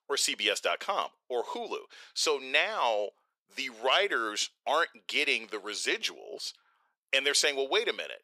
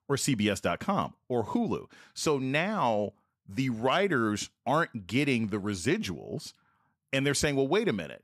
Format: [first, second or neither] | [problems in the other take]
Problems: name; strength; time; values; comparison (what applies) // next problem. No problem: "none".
second | thin; very; fading below 450 Hz